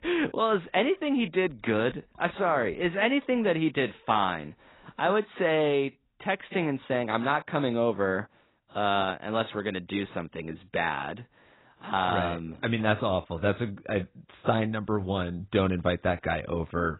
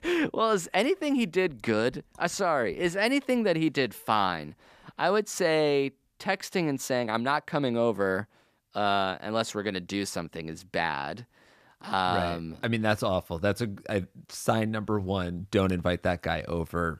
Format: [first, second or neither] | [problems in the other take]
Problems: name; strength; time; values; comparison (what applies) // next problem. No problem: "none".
second | garbled, watery; badly; nothing above 4 kHz